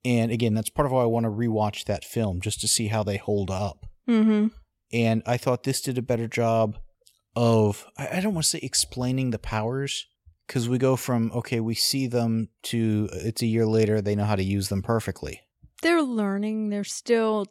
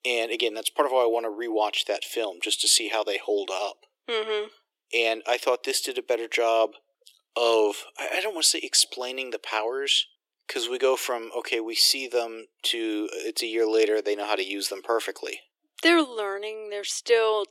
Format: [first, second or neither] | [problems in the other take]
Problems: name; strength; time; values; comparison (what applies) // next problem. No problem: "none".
first | thin; very; fading below 300 Hz